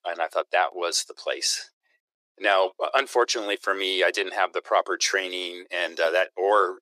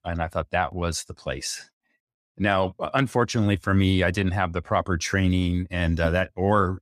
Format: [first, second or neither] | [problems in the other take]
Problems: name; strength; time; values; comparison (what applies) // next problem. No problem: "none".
second | thin; very; fading below 350 Hz